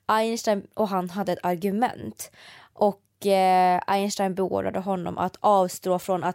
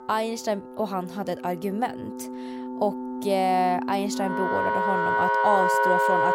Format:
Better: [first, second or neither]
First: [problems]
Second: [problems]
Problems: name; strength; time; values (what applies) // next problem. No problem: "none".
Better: first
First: none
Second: background music; very loud; throughout; 2 dB above the speech